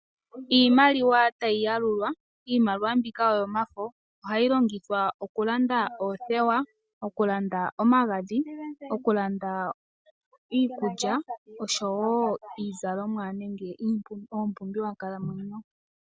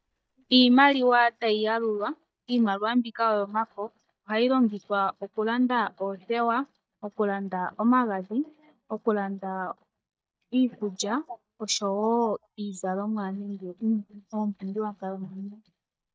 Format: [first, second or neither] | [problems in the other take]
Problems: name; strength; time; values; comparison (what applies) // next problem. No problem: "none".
first | noise reduction (neural mask model DeepFilterNet 3)